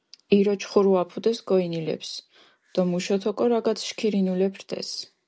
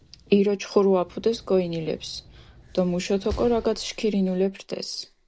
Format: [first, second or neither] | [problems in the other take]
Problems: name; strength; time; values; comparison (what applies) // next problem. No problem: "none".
first | background sound (Slam); 19 dB below the speech